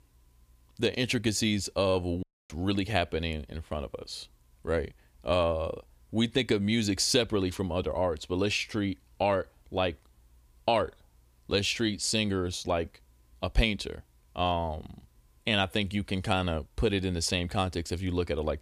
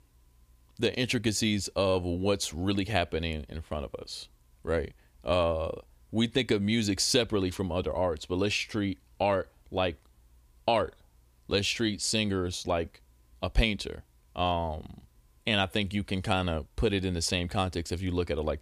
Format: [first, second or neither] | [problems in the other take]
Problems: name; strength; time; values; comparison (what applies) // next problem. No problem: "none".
second | audio cutting out; at 2 s